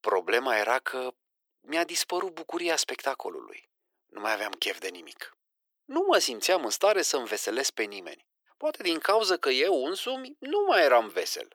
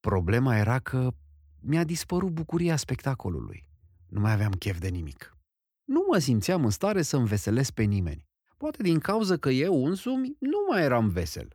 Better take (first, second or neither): second